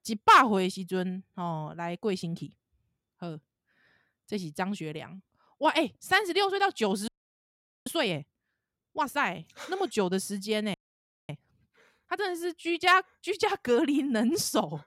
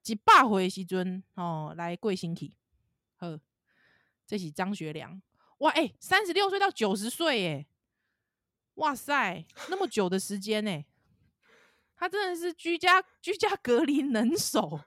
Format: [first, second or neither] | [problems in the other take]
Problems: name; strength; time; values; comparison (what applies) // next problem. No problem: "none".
second | audio freezing; at 7 s for 1 s and at 11 s for 0.5 s